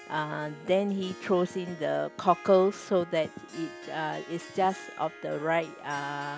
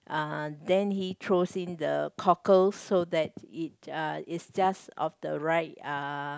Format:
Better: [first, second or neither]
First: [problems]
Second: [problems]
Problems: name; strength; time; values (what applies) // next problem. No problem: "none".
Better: second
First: background sound (Harp); 17 dB below the speech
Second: none